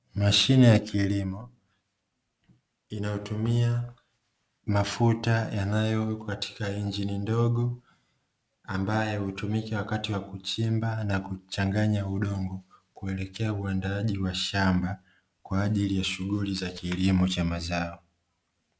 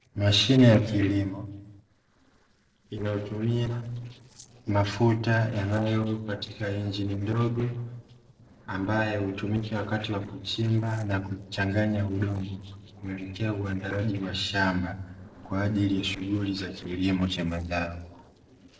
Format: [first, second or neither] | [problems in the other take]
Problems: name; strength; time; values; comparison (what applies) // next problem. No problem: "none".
first | noise reduction (neural separator model SepFormer DNS4)